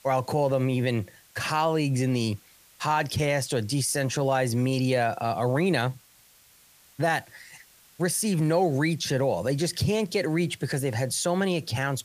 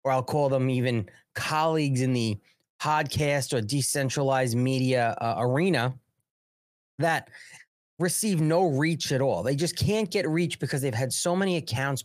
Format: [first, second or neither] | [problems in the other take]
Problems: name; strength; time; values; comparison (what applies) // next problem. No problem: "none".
second | hiss; faint; throughout; 30 dB below the speech